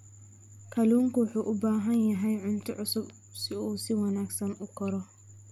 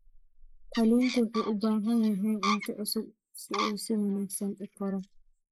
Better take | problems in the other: first | noise reduction (neural mask model Resemble Enhance denoiser)

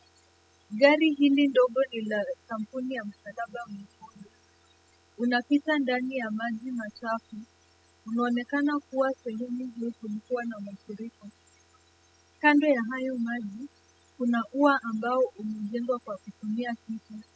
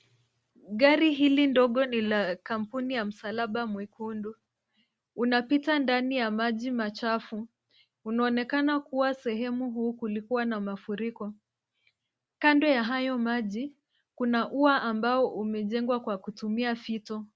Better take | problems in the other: second | noise reduction (classical method spectral subtraction)

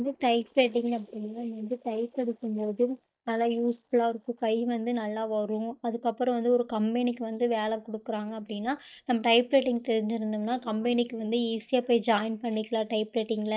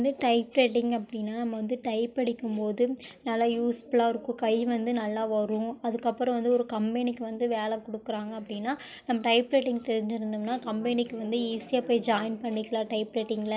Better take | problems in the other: second | noise reduction (neural mask model DeepFilterNet 3)

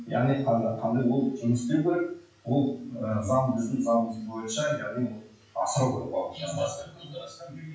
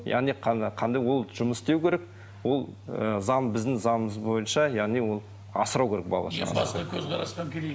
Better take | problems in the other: second | noise reduction (classical method WPE with log-MMSE)

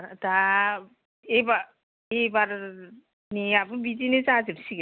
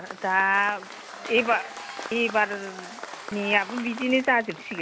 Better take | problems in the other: first | background sound (Applause / Crowd / Cheering); 13 dB below the speech

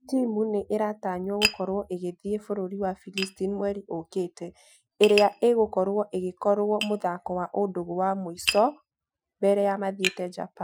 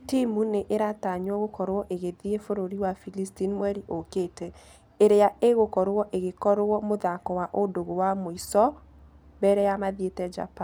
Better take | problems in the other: second | noise reduction (classical method Wiener filter)

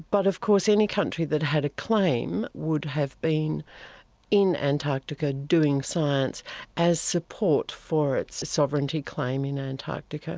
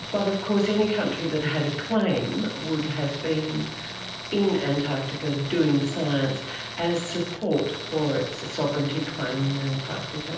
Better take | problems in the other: first | background sound (Tools); 10 dB below the speech // room echo; dies away in 0.9 s

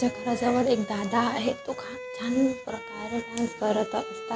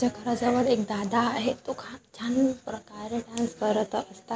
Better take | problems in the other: second | background sound (Bowed string instrument); 12 dB below the speech

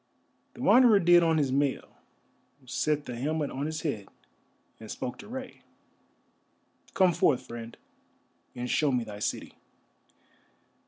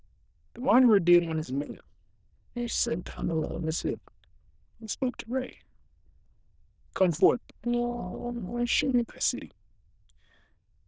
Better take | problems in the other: first | noise reduction (neural diffusion model UNIVERSE++)

